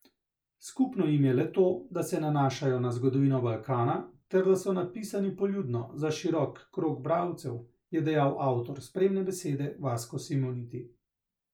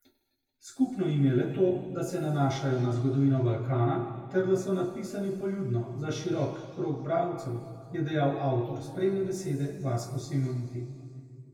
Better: first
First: none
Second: room echo; dies away in 2.2 s

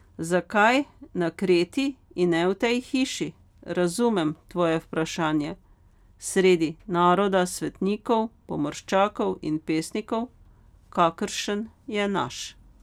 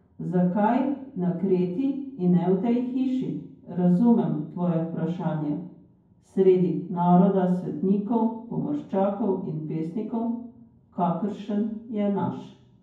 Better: first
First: none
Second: room echo; dies away in 0.9 s

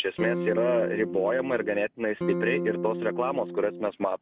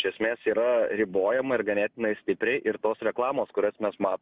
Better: second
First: background sound (Electric guitar / Strum); 4 dB below the speech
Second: none

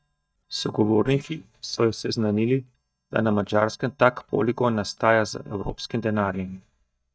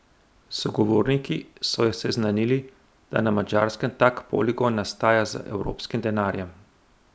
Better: second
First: noise reduction (neural mask model DeepFilterNet 3)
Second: none

